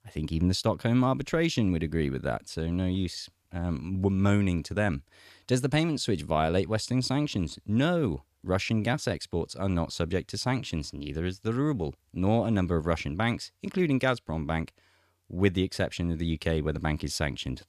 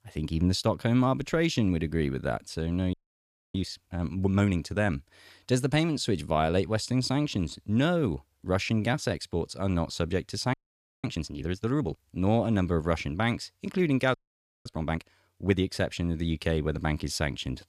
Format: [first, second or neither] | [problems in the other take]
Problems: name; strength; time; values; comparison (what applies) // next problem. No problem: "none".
first | audio freezing; at 3 s for 0.5 s, at 11 s for 0.5 s and at 14 s for 0.5 s